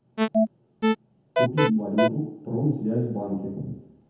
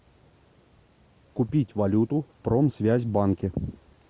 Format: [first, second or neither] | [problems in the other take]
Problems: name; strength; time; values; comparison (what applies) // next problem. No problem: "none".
second | background sound (Alarm); 5 dB above the speech // room echo; dies away in 1 s